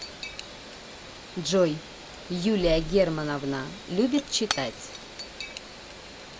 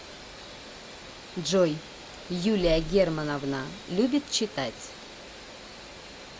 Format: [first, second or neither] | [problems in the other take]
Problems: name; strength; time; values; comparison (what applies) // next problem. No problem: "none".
second | background sound (Shatter / Crushing); 14 dB below the speech